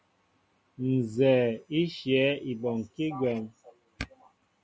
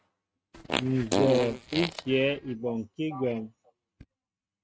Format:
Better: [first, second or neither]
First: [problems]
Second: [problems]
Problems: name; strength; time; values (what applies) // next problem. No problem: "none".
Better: first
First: none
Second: noise reduction (neural mask model RNNoise)